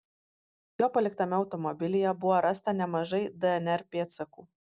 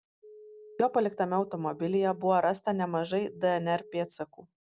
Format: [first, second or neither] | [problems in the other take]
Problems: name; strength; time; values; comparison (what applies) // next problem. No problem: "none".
first | background sound (Telephone); 20 dB below the speech